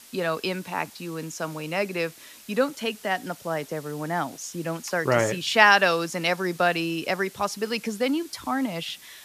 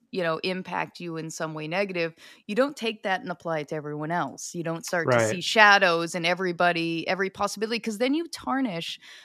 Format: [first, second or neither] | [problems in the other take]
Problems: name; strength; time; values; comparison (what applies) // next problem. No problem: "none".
second | hiss; faint; throughout; 20 dB below the speech